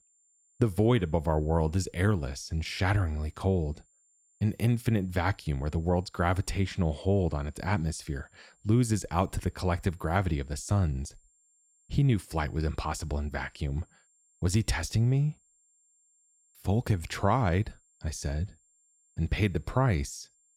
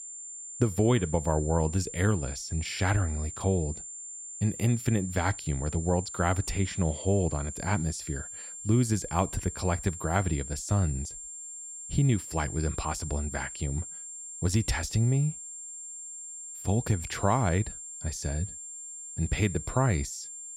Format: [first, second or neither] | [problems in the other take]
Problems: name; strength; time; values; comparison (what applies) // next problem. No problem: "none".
first | high-pitched whine; loud; throughout; 7.5 kHz, 9 dB below the speech; faint in the first